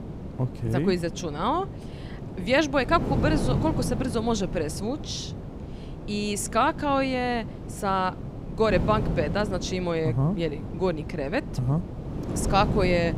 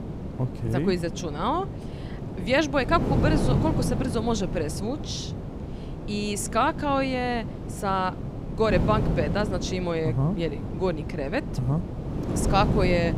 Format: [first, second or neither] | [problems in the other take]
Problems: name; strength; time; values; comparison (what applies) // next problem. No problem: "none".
first | wind noise on the microphone; heavy; 9 dB below the speech; occasional gusts in the first